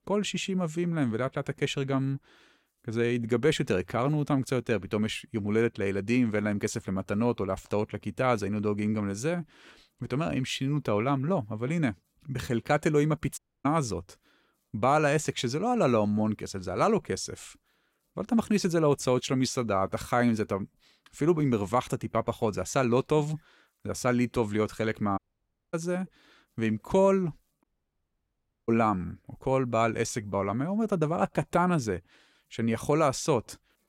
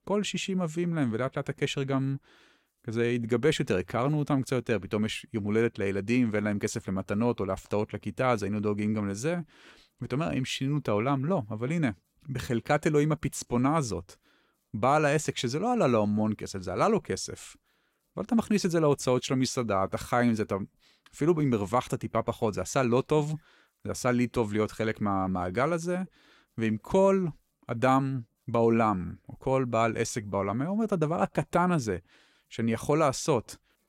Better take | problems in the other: second | audio cutting out; at 13 s, at 25 s for 0.5 s and at 28 s for 1 s

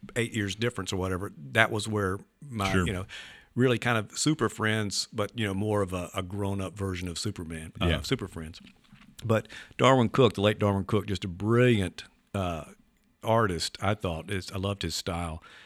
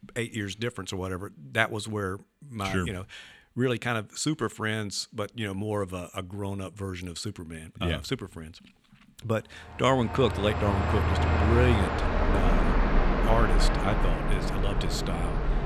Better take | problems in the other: first | train or aircraft noise; very loud; from 10 s on; 3 dB above the speech

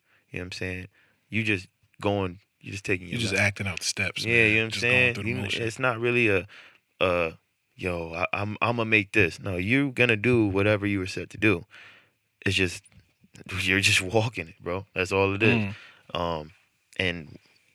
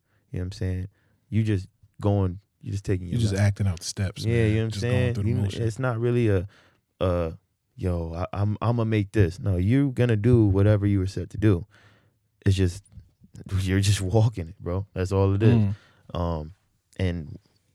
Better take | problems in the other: second | thin; somewhat; fading below 750 Hz

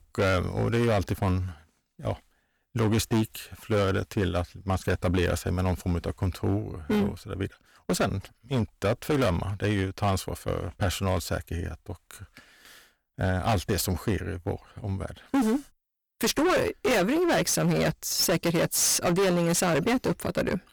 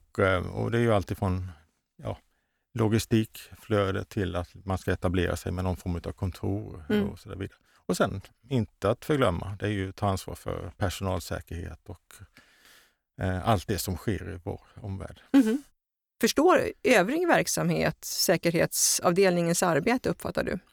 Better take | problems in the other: second | distortion; heavy; 13% of the sound clipped

